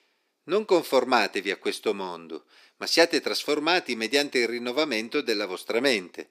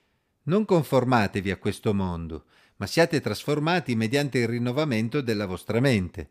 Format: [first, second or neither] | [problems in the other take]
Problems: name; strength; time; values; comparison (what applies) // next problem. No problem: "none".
second | thin; somewhat; fading below 300 Hz